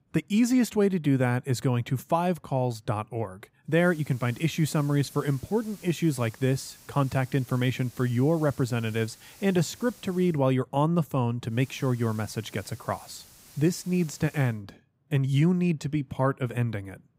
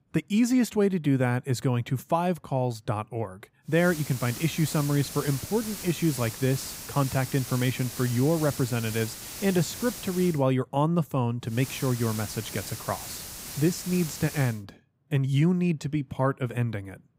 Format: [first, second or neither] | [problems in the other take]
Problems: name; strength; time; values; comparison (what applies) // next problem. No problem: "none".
first | hiss; loud; from 4 to 10 s and from 12 to 14 s; 10 dB below the speech; faint in the first